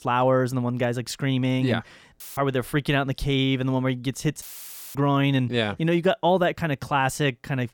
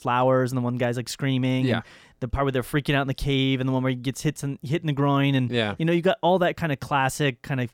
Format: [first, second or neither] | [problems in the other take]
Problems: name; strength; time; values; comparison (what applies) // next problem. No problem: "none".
second | audio cutting out; filled with static; at 2 s and at 4.5 s for 0.5 s